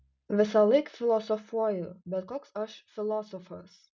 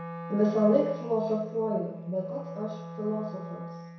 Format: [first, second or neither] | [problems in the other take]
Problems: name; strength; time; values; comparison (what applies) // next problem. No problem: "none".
first | background sound (Wind instrument, woodwind instrument); 11 dB below the speech // room echo; dies away in 0.7 s